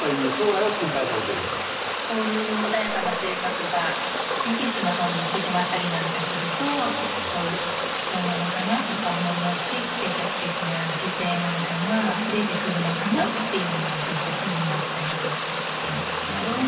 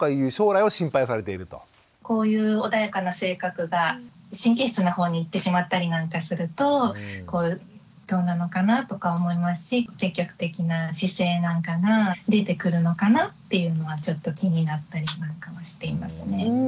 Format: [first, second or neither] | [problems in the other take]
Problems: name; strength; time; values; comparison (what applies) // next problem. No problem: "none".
second | background sound (Water); as loud as the speech // room echo; dies away in 2.5 s